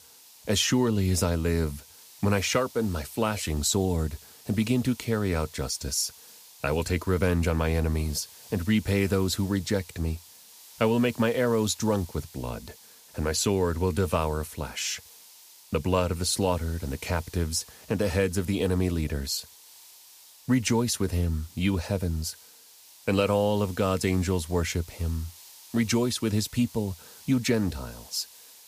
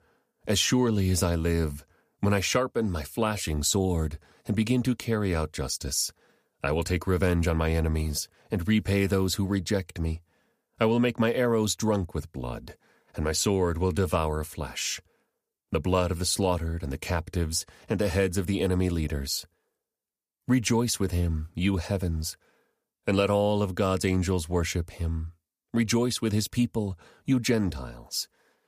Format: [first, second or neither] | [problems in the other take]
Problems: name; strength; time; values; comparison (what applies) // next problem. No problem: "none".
second | hiss; faint; throughout; 20 dB below the speech